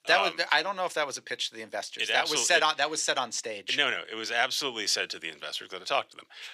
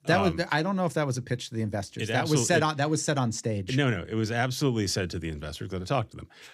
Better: second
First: thin; very; fading below 650 Hz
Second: none

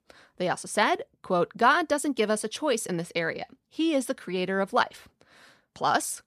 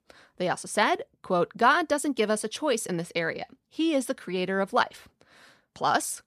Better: neither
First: none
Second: none

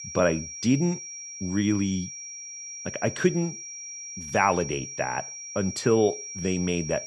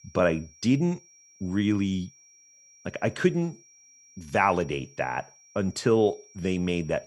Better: second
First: high-pitched whine; loud; throughout; 5.5 kHz, 9 dB below the speech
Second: high-pitched whine; faint; throughout; 5.5 kHz, 25 dB below the speech

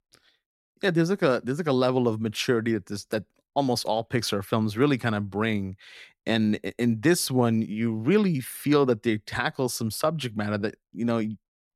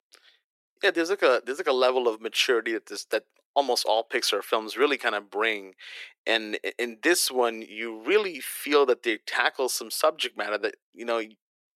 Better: first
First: none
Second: thin; very; fading below 350 Hz

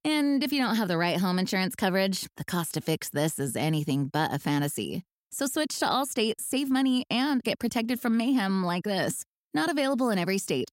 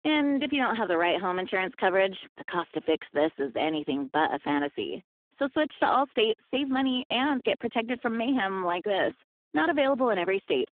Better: first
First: none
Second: phone-call audio; poor line

